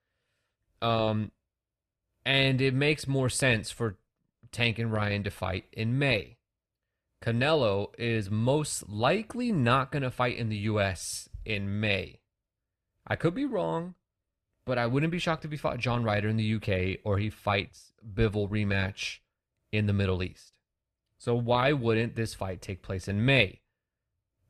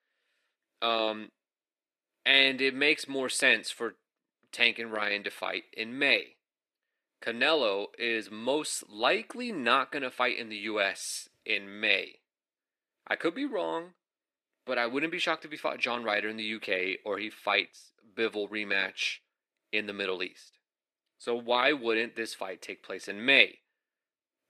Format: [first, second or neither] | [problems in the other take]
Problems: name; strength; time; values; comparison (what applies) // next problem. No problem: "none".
first | thin; somewhat; fading below 300 Hz